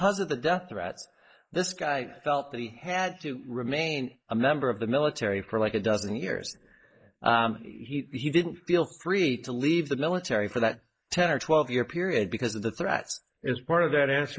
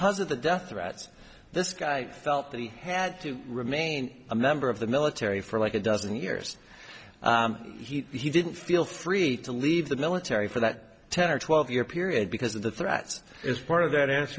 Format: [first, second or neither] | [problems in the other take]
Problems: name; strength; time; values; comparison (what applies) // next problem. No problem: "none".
second | noise reduction (neural mask model Resemble Enhance denoiser)